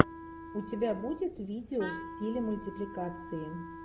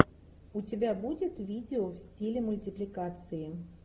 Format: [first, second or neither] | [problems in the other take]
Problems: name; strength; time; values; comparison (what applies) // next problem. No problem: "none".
second | background sound (Wind instrument, woodwind instrument); 11 dB below the speech